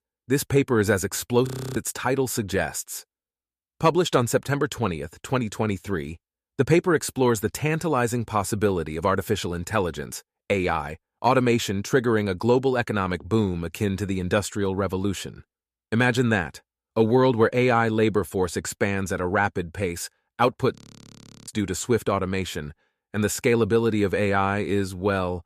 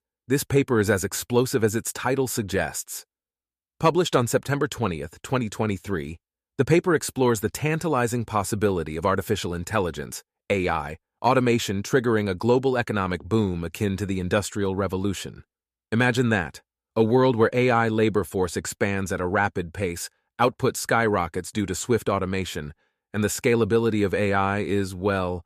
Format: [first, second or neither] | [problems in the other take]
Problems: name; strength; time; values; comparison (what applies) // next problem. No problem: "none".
second | audio freezing; at 1.5 s and at 21 s for 0.5 s